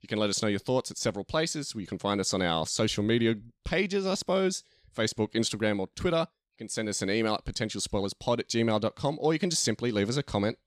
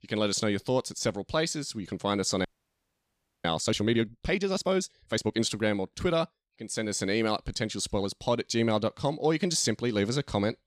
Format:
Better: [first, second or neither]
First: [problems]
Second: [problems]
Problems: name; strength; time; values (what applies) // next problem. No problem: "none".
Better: first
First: none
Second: audio freezing; at 2.5 s for 1 s